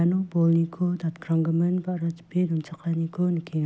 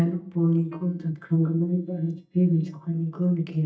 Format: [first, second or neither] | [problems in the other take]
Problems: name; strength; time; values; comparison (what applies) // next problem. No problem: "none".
first | noise reduction (neural mask model DeepFilterNet 3)